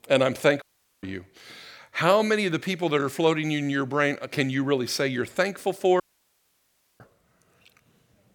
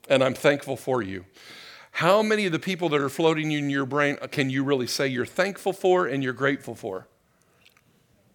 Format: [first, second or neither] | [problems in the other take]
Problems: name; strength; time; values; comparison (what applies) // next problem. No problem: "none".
second | audio cutting out; at 0.5 s and at 6 s for 1 s